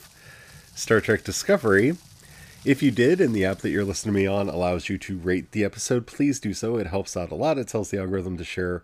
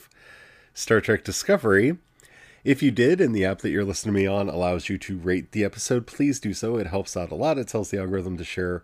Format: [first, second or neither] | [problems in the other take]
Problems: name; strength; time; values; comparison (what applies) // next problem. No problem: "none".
second | rain or running water; faint; throughout; 25 dB below the speech